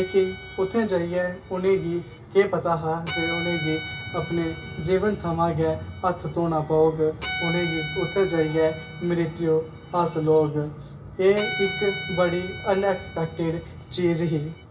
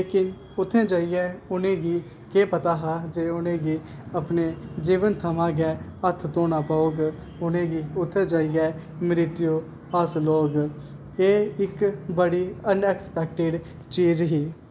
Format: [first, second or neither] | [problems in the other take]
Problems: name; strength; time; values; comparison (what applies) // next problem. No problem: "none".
second | background sound (Bowed string instrument); 12 dB below the speech // room echo; dies away in 0.2 s